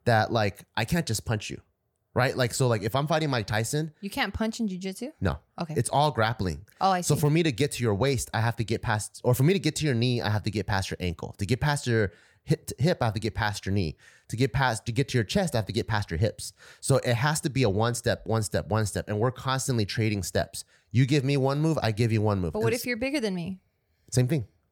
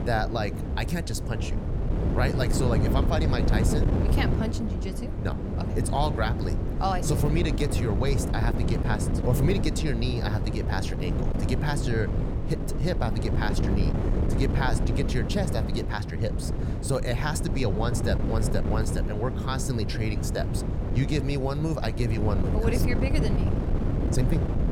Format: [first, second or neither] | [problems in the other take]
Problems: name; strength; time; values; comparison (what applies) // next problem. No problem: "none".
first | wind noise on the microphone; heavy; 4 dB below the speech